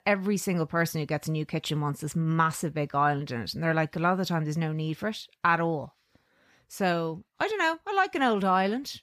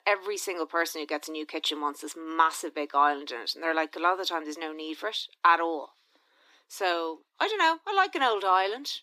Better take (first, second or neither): first